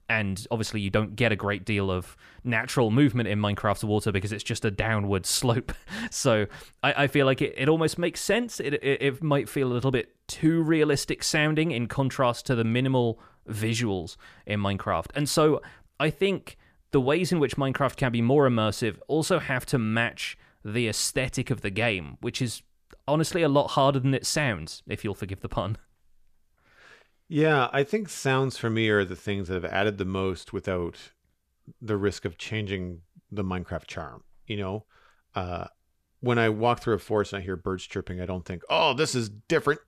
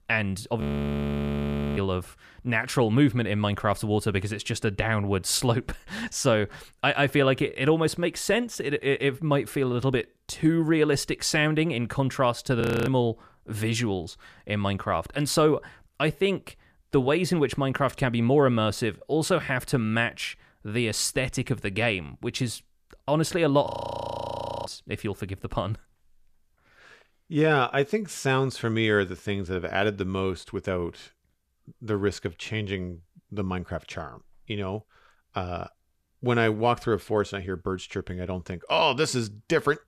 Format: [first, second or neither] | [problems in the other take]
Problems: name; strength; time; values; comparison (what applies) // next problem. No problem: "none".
first | audio freezing; at 0.5 s for 1 s, at 13 s and at 24 s for 1 s